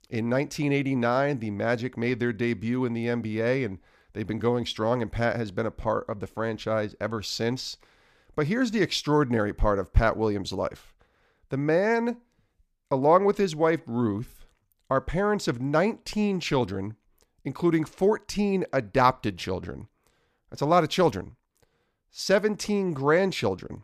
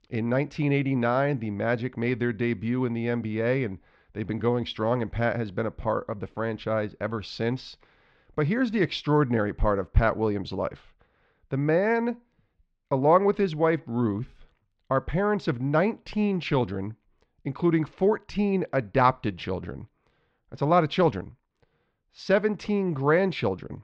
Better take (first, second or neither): first